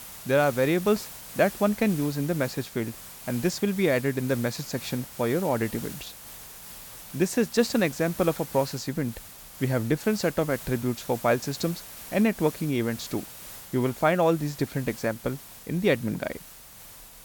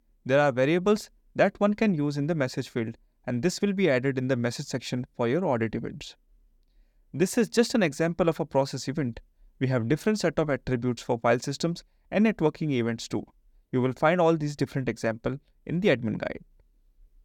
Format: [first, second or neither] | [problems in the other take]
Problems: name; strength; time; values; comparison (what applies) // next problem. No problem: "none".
second | hiss; noticeable; throughout; 15 dB below the speech